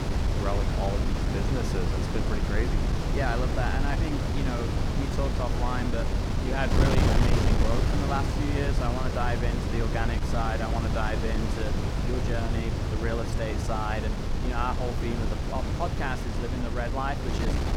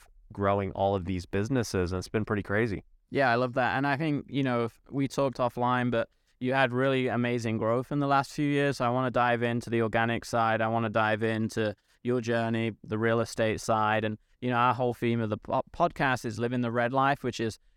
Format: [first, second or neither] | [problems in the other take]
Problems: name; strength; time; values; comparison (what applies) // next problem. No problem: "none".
second | wind noise on the microphone; heavy; 1 dB below the speech